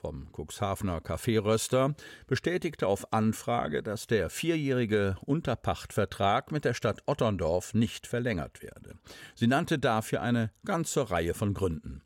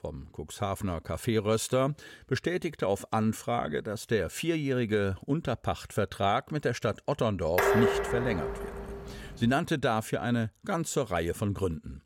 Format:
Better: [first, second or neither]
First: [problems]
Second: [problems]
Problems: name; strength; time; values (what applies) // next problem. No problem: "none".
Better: first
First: none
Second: clattering dishes; loud; from 7.5 to 9.5 s; peak 5 dB above the speech